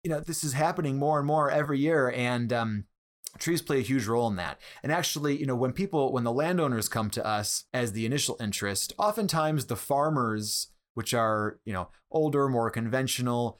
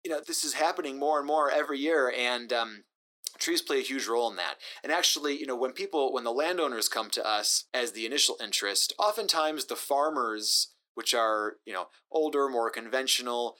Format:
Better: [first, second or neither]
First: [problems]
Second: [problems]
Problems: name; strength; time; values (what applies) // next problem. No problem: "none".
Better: first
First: none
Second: thin; somewhat; fading below 300 Hz